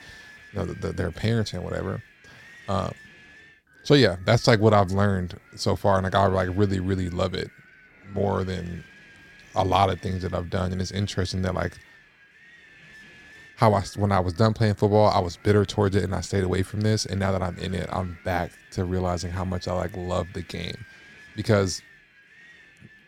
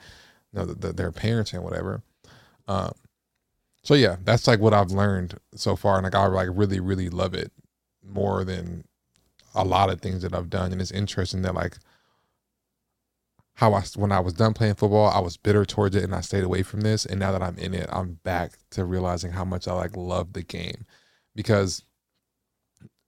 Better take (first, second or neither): second